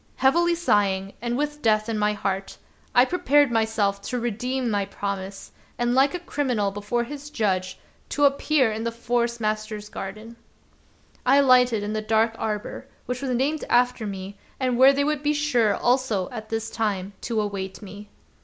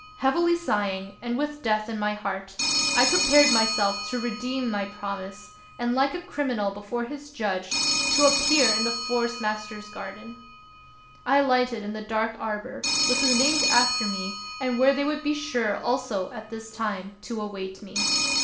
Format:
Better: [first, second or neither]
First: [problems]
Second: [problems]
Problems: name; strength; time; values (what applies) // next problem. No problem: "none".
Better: first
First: none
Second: background sound (Telephone); 3 dB below the speech // room echo; dies away in 0.5 s